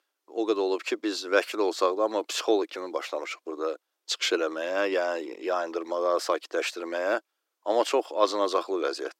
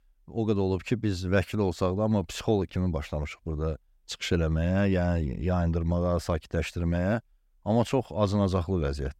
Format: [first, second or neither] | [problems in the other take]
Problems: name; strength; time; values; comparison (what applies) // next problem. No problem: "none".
second | thin; very; fading below 300 Hz